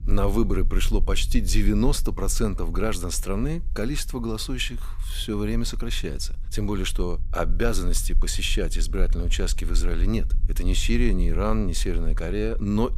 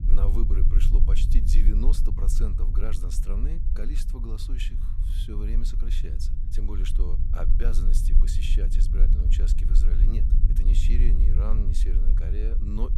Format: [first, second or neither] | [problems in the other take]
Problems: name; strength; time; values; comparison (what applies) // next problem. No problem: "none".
first | low rumble; loud; throughout; 4 dB below the speech; faint in the first